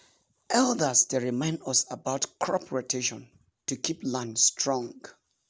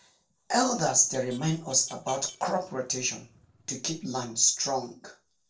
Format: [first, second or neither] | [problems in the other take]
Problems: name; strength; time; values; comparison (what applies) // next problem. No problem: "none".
first | noise reduction (neural separator model SepFormer DNS4)